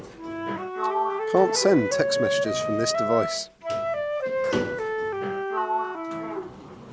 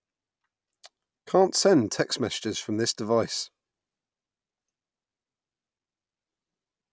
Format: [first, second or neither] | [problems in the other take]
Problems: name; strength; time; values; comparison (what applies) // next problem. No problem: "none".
second | background sound (Wind instrument, woodwind instrument + Sliding door); 2 dB above the speech